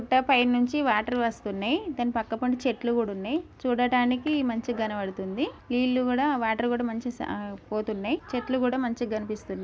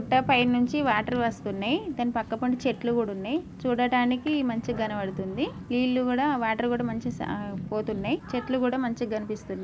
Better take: first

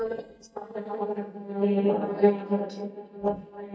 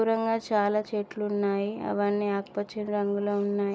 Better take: second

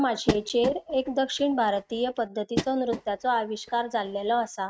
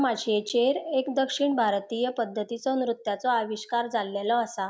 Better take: second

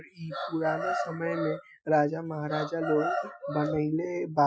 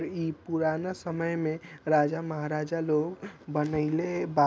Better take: second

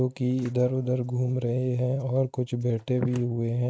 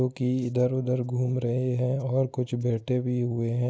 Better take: second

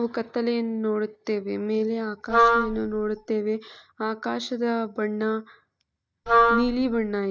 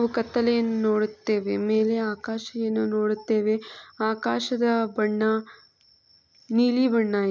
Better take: second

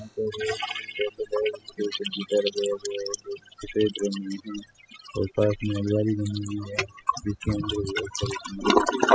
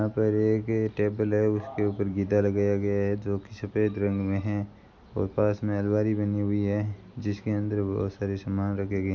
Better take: second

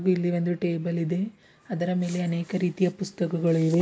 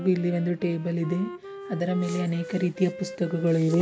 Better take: first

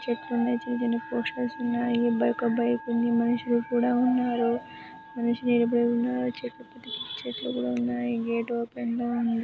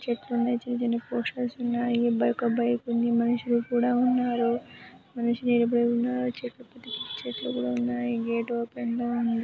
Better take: second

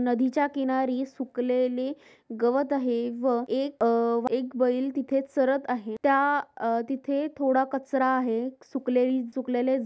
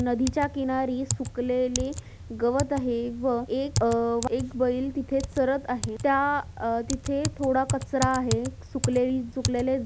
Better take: first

